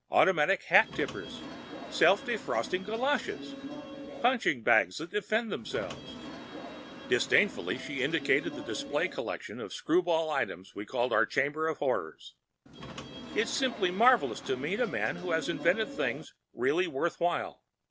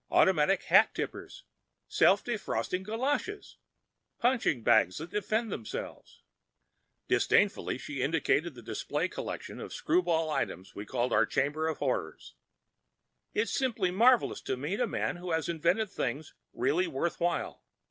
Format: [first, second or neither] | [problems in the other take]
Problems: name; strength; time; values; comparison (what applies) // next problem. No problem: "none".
second | background sound (Subway, metro, underground / Sliding door); 12 dB below the speech